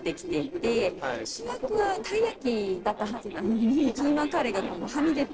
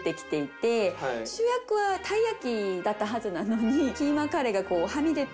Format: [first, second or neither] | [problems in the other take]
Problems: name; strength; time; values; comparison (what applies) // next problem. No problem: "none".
second | noise reduction (neural separator model SepFormer DNS4)